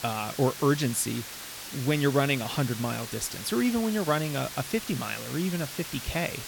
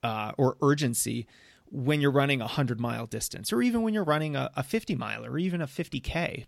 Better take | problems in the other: second | hiss; loud; throughout; 9 dB below the speech

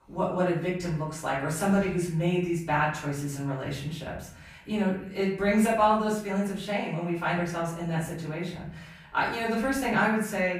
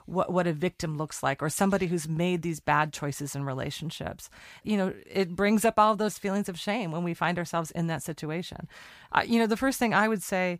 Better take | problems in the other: second | off-mic speech; far // room echo; noticeable; dies away in 0.7 s

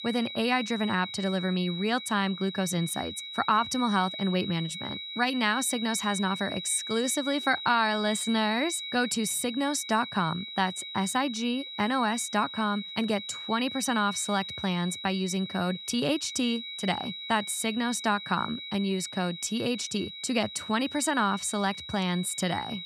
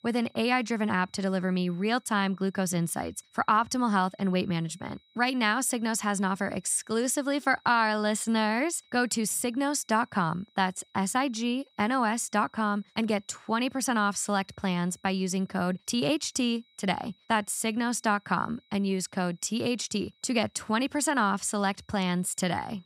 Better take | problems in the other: second | high-pitched whine; loud; throughout; 4 kHz, 8 dB below the speech; faint in the second

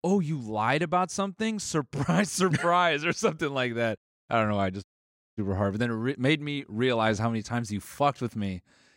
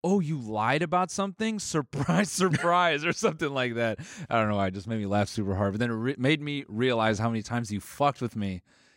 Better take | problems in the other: second | audio cutting out; at 4 s and at 5 s for 0.5 s

